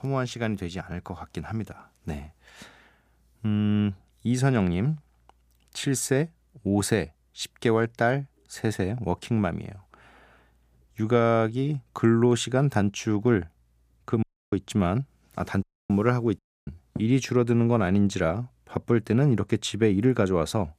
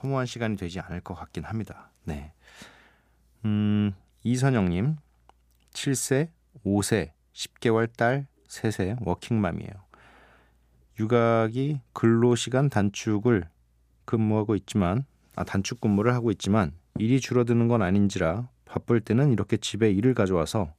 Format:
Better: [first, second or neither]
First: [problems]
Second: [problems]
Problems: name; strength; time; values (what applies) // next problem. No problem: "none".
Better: second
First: audio cutting out; at 14 s and at 16 s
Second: none